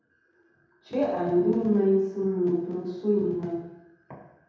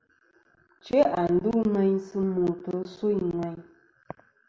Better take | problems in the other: second | room echo; dies away in 0.8 s

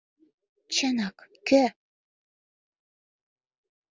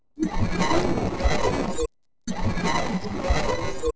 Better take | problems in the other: first | noise reduction (neural separator model SepFormer DNS4)

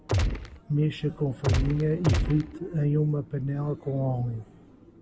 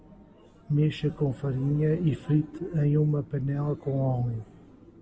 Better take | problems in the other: second | background sound (Gunshot, gunfire); 1 dB above the speech

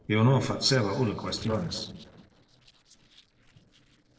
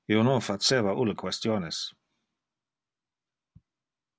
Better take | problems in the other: second | noise reduction (neural separator model SepFormer DNS4)

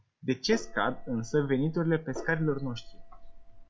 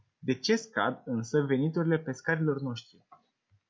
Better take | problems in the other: second | background sound (Gong); 10 dB below the speech

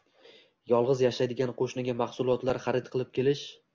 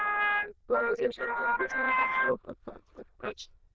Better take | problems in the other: first | noise reduction (neural diffusion model UNIVERSE++)

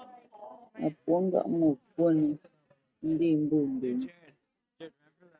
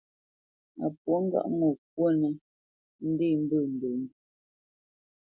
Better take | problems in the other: second | noise reduction (neural mask model RNNoise)

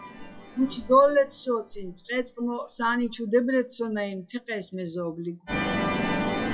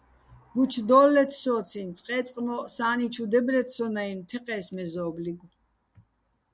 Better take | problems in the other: second | noise reduction (classical method WPE with log-MMSE)

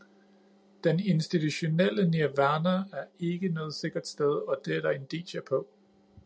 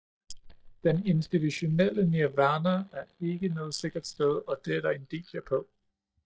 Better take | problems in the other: first | noise reduction (neural mask model DeepFilterNet 3)

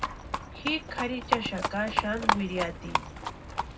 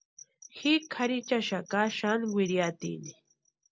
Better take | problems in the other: second | background sound (Livestock, farm animals, working animals); 2 dB above the speech // room echo; dies away in 0.3 s

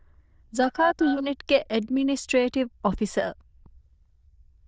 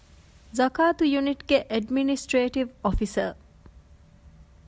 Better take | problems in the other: second | noise reduction (neural diffusion model UNIVERSE++)

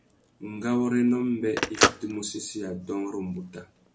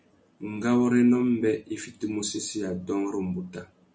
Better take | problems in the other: second | background sound (Telephone); 3 dB below the speech

